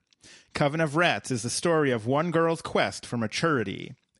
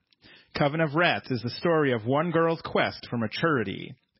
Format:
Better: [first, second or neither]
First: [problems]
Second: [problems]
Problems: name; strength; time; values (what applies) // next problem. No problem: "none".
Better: first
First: garbled, watery; slightly; nothing above 11 kHz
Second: garbled, watery; badly; nothing above 5.5 kHz